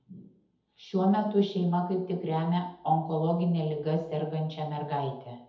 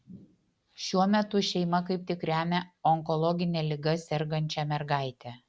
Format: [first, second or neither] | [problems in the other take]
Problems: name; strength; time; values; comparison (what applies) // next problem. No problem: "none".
second | room echo; dies away in 0.7 s